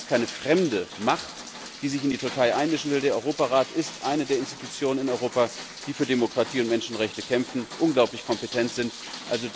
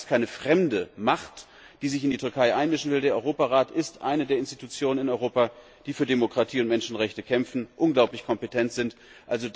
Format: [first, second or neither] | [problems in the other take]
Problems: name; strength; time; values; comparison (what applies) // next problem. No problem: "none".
second | background sound (Rain); 13 dB below the speech